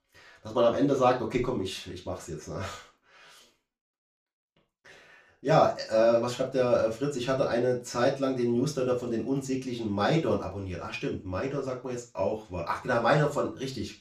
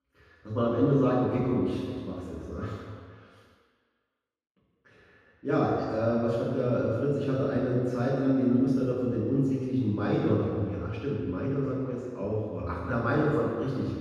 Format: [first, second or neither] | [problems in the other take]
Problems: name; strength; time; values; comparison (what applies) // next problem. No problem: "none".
first | room echo; strong; dies away in 1.8 s; slight in the first // off-mic speech; far; far in the first